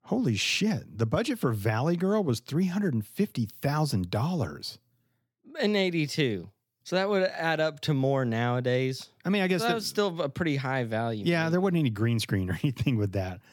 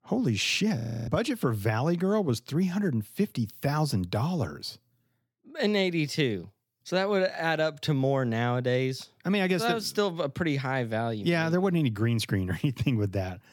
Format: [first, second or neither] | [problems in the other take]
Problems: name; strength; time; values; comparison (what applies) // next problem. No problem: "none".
first | audio freezing; at 1 s